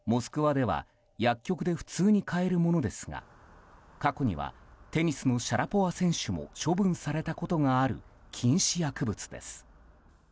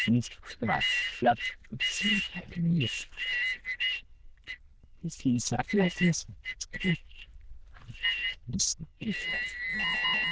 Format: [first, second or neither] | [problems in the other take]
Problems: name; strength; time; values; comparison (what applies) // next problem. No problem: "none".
first | noise reduction (neural diffusion model UNIVERSE++)